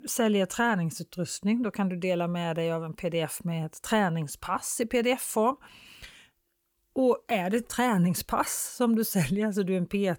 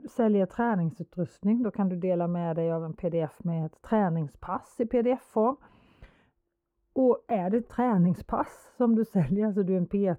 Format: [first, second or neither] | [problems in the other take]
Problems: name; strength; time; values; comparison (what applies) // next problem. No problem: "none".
first | muffled; very; fading above 2 kHz